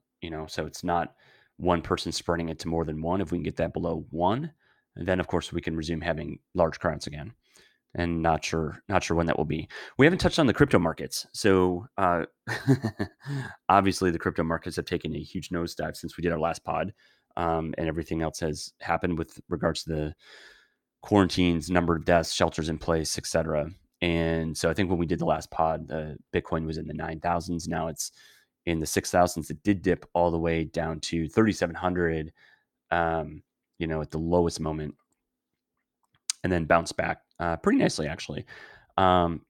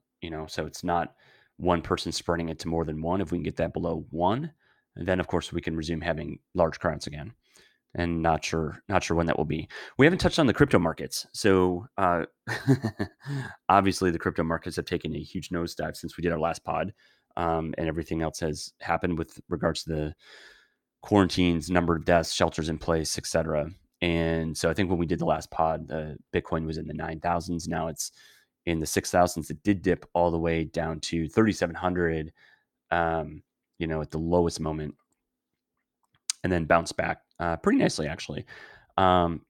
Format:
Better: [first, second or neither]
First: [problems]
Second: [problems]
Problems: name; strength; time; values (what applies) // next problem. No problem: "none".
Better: neither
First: none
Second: none